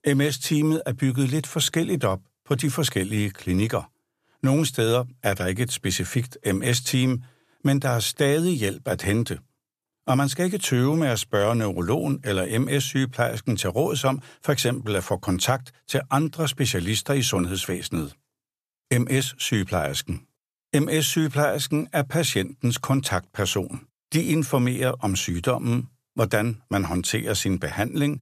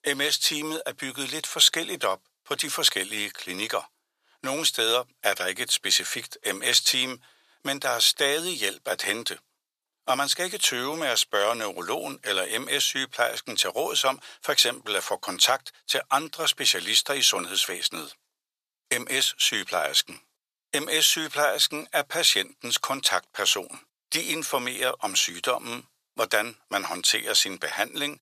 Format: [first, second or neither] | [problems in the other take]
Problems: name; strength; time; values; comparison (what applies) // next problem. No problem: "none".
first | thin; very; fading below 650 Hz